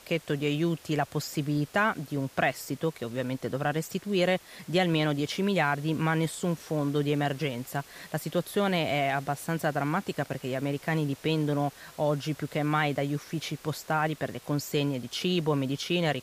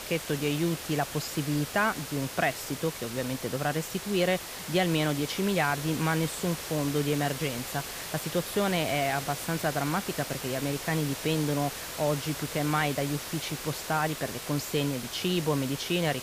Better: first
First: hiss; faint; throughout; 20 dB below the speech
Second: hiss; loud; throughout; 7 dB below the speech

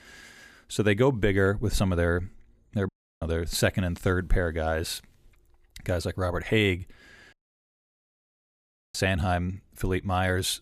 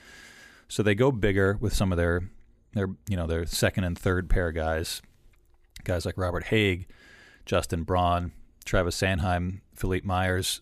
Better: second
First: audio cutting out; at 3 s and at 7.5 s for 1.5 s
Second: none

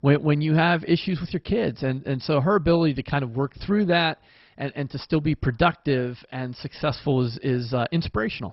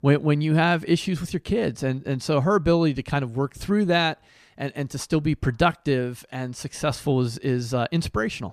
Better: second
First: garbled, watery; badly; nothing above 5.5 kHz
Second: none

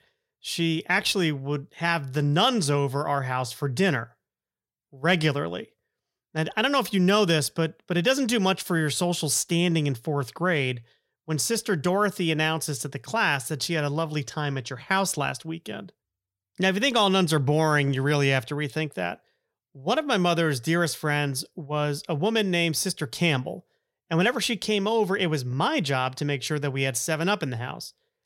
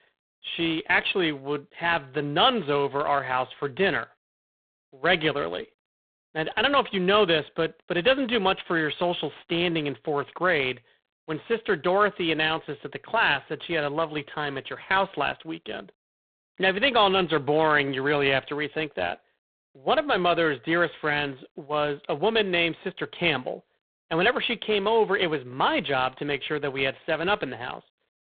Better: first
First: none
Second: phone-call audio; poor line

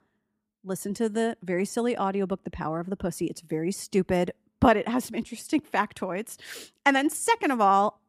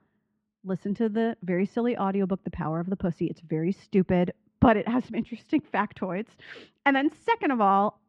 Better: first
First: none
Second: muffled; very; fading above 3 kHz

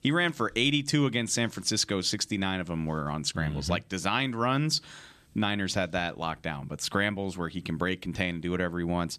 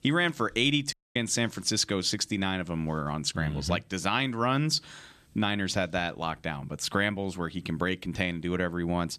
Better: first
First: none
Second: audio cutting out; at 1 s

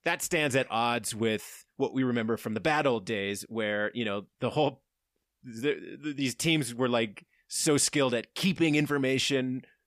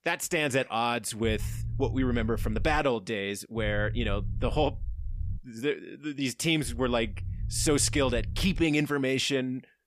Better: first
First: none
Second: low rumble; faint; from 1 to 3 s, from 3.5 to 5.5 s and from 6.5 to 8.5 s; 20 dB below the speech

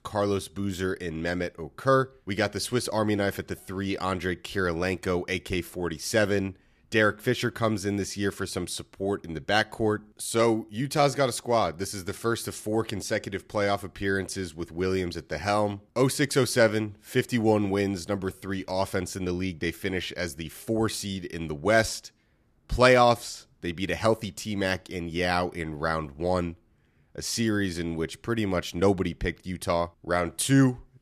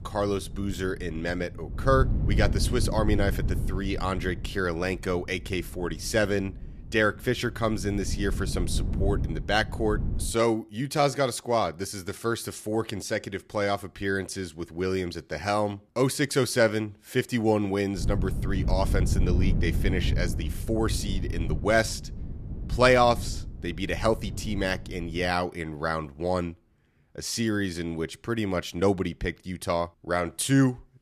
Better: first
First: none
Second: wind noise on the microphone; occasional gusts; until 10 s and from 18 to 25 s; 15 dB below the speech

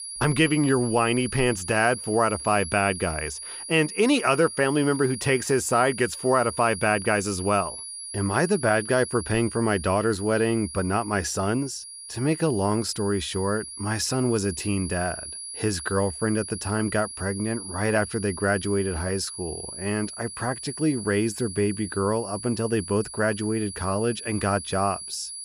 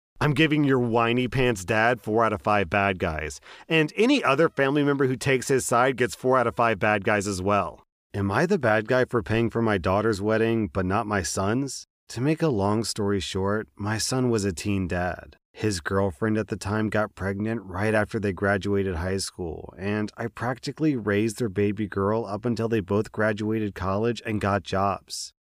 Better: second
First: high-pitched whine; loud; throughout; 10.5 kHz, 10 dB below the speech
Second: none

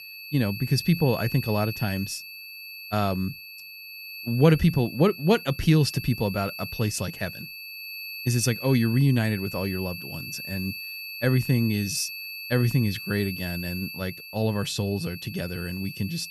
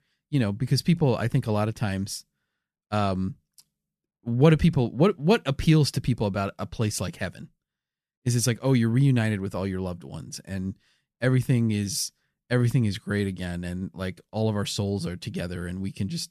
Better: second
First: high-pitched whine; loud; throughout; 2.5 kHz, 10 dB below the speech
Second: none

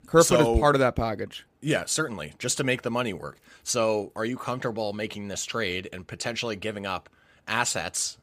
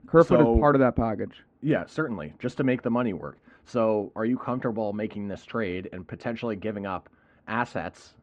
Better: first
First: none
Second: muffled; very; fading above 1.5 kHz

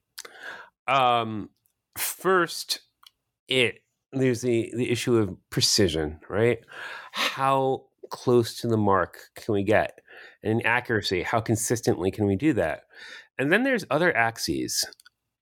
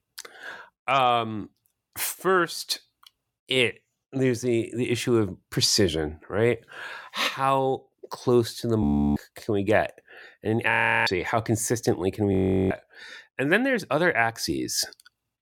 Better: first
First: none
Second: audio freezing; at 9 s, at 11 s and at 12 s

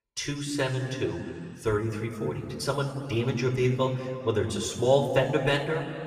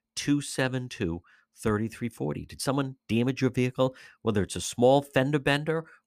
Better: second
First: room echo; noticeable; dies away in 2.4 s // off-mic speech; somewhat distant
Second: none

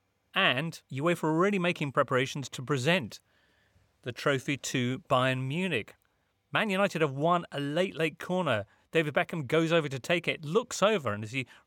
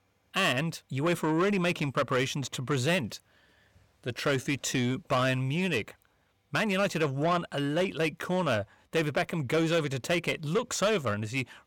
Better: first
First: none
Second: distortion; slight; 10 dB below the speech

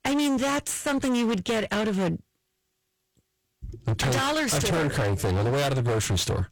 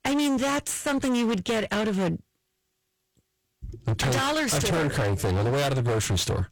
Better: neither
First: distortion; heavy; 31% of the sound clipped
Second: distortion; heavy; 31% of the sound clipped

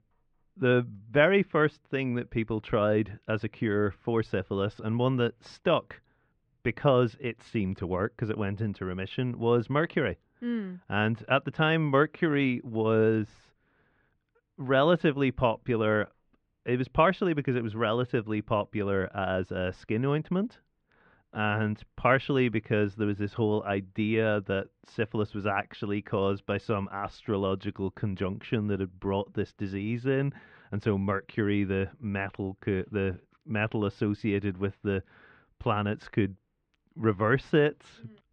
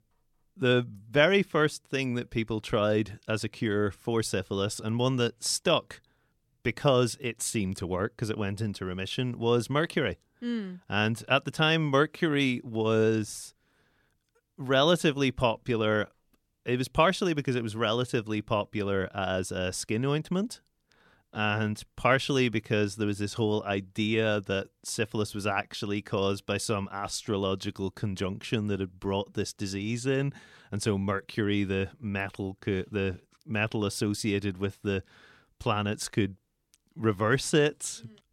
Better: second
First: muffled; very; fading above 2.5 kHz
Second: none

